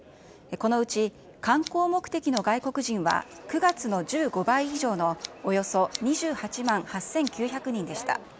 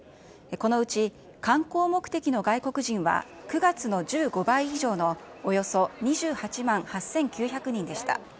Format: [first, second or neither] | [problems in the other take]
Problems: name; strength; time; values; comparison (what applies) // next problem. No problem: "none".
second | background sound (Scissors); 18 dB below the speech